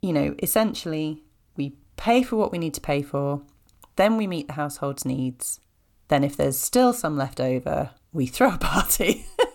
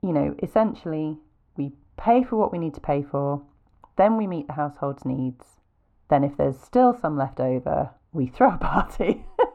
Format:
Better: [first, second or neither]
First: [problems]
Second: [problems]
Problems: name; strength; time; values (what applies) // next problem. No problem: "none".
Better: first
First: none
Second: muffled; very; fading above 3.5 kHz